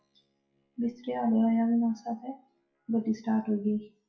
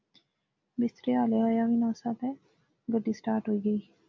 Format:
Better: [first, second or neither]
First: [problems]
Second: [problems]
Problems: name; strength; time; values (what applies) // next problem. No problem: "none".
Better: second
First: noise reduction (classical method WPE with log-MMSE)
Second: none